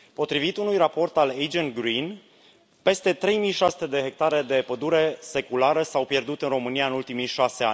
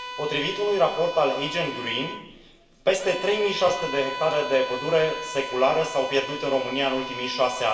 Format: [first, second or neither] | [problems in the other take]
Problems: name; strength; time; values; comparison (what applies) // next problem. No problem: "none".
first | background sound (Bowed string instrument); 10 dB below the speech // room echo; dies away in 1 s